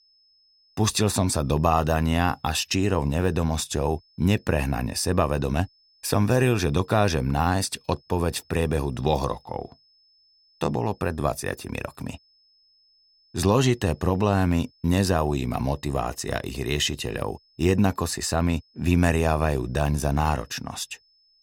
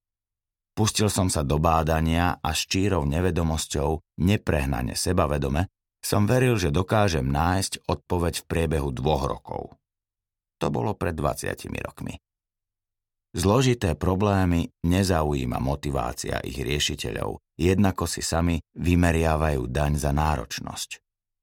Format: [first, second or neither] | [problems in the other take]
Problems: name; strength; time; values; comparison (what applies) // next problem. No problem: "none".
second | high-pitched whine; faint; throughout; 5 kHz, 35 dB below the speech